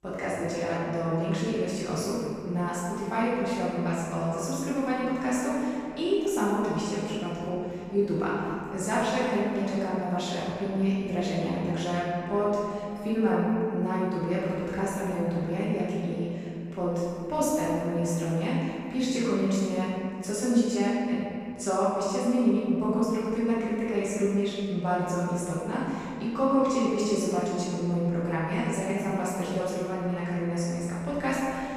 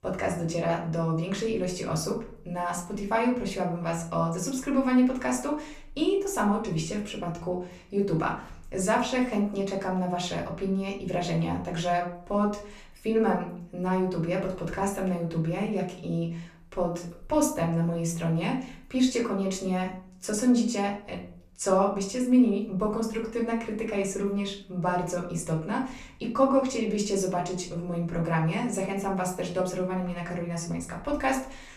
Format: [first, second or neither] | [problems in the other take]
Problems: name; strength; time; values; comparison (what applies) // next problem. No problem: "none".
second | room echo; strong; dies away in 2.7 s; slight in the second // off-mic speech; far; far in the second